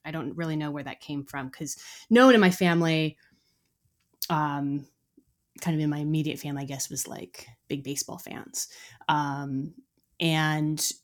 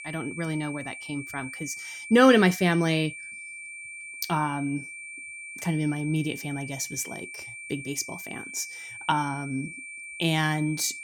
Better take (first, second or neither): first